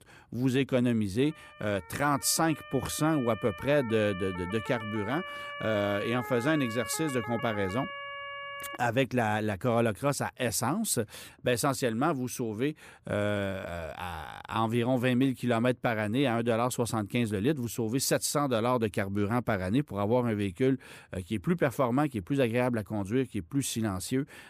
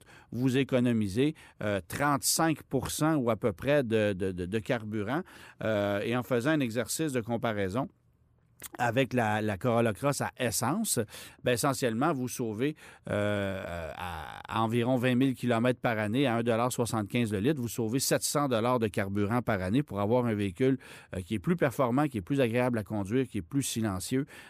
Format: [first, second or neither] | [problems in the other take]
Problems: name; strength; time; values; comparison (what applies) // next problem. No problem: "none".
second | siren; noticeable; from 1 to 9 s; peak 9 dB below the speech